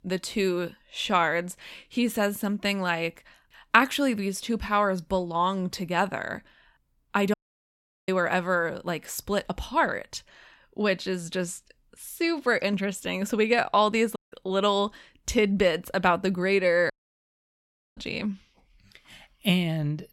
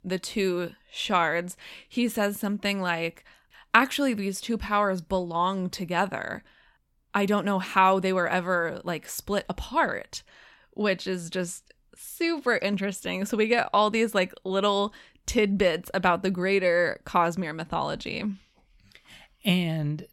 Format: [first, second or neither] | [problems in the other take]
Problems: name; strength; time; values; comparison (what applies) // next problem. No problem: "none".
second | audio cutting out; at 7.5 s for 0.5 s, at 14 s and at 17 s for 1 s